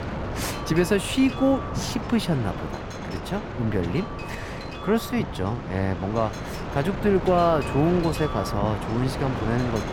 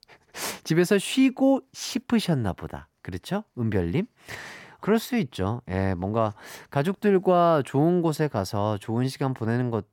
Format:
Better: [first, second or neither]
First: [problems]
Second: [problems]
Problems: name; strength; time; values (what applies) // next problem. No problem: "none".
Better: second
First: wind noise on the microphone; heavy; 6 dB below the speech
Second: none